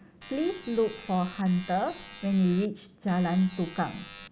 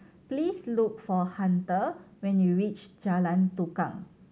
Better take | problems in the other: second | background sound (Alarm); 17 dB below the speech

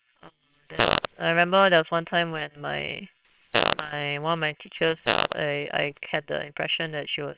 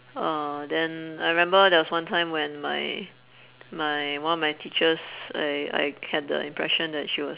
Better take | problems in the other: second | noise reduction (neural separator model SepFormer WHAMR!)

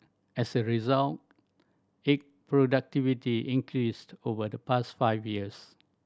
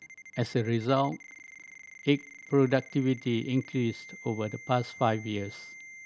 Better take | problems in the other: first | background sound (Ringtone); 18 dB below the speech

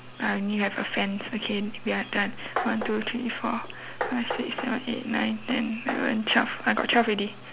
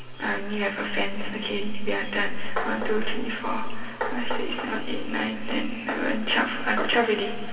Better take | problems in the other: first | room echo; dies away in 2.4 s

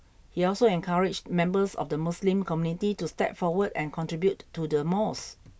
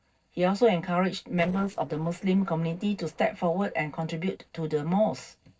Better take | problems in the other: first | noise reduction (neural separator model SepFormer DNS4)

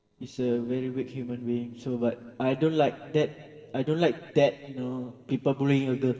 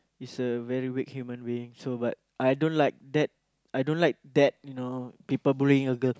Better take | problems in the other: second | noise reduction (neural separator model SepFormer DNS4)

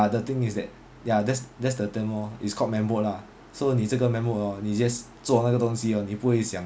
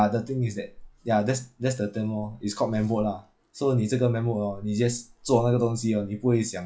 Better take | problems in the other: first | noise reduction (classical method log-MMSE)

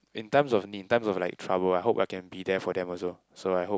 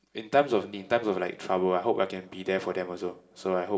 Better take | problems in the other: first | room echo; dies away in 1.4 s

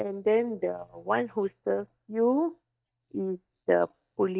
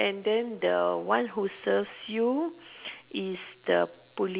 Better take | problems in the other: second | noise reduction (neural mask model DeepFilterNet 3)

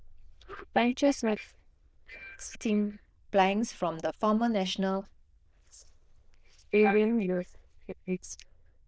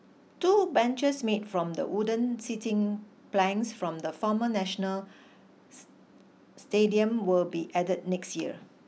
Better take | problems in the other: second | noise reduction (neural diffusion model UNIVERSE++)

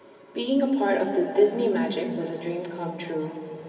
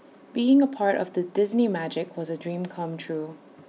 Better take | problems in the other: second | room echo; dies away in 2.8 s

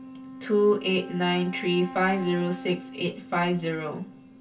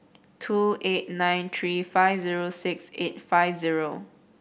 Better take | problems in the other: second | background sound (Wind instrument, woodwind instrument); 14 dB below the speech // room echo; dies away in 0.1 s

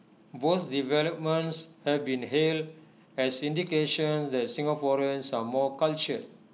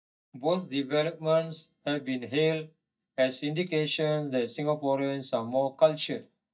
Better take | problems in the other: first | noise reduction (neural mask model DeepFilterNet 3)

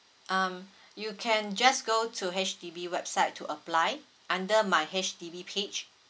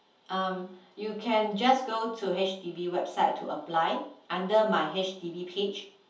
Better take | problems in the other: first | room echo; dies away in 0.5 s

